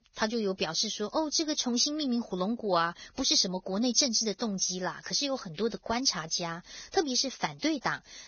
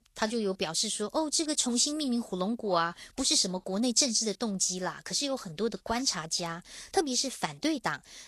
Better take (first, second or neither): second